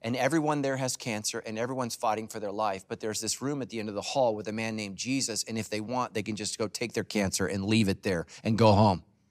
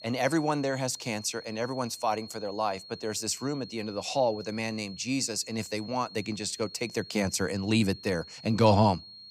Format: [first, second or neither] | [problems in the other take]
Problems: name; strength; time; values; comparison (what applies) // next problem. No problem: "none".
first | high-pitched whine; noticeable; throughout; 4.5 kHz, 15 dB below the speech